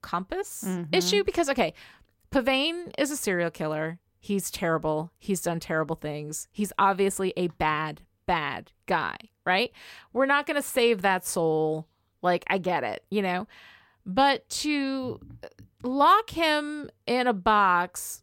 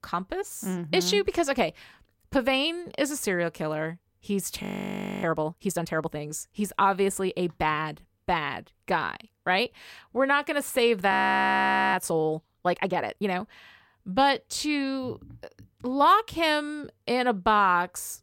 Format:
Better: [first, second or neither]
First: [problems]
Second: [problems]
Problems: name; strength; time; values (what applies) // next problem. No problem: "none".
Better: first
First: none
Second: audio freezing; at 4.5 s for 0.5 s and at 11 s for 1 s